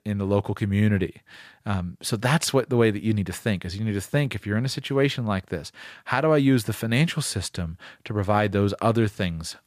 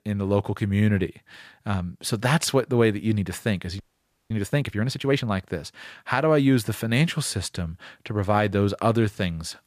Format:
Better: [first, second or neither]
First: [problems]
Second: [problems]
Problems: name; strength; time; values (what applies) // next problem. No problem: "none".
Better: first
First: none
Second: audio freezing; at 4 s for 0.5 s